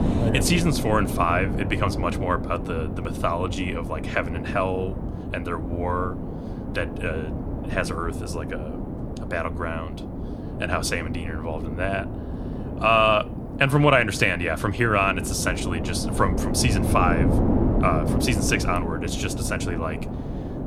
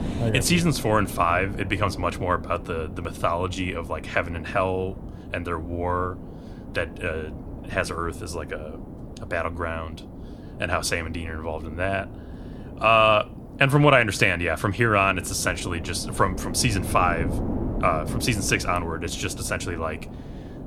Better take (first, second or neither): second